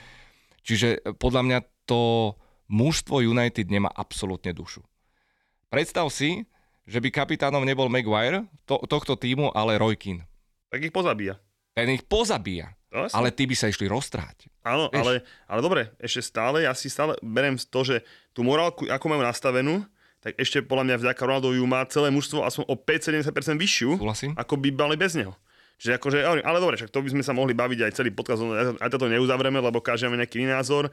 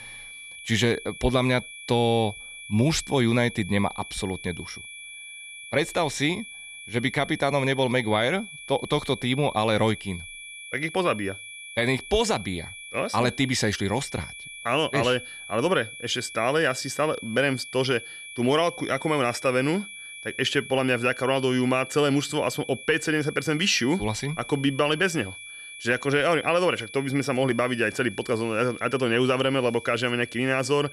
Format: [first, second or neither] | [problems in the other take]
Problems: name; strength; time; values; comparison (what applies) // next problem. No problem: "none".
first | high-pitched whine; noticeable; throughout; 2.5 kHz, 15 dB below the speech